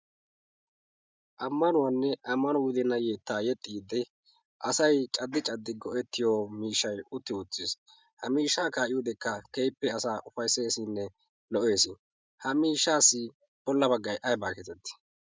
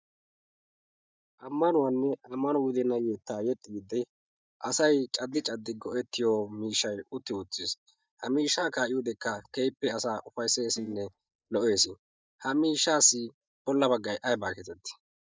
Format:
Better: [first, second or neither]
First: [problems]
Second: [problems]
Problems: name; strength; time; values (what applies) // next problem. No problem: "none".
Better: first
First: none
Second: noise reduction (neural mask model DeepFilterNet 3)